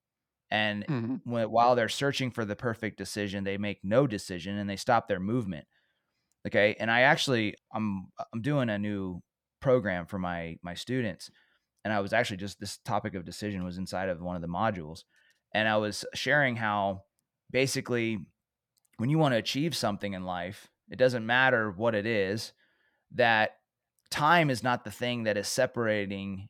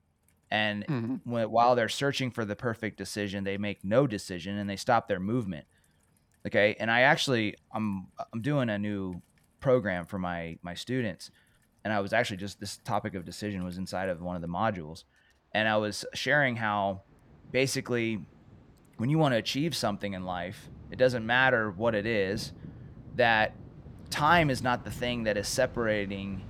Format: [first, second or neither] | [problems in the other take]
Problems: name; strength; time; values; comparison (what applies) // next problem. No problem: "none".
first | rain or running water; noticeable; throughout; 20 dB below the speech